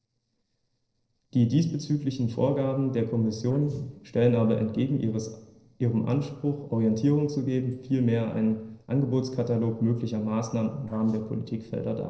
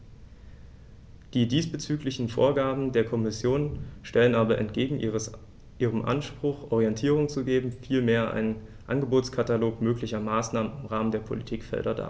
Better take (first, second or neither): second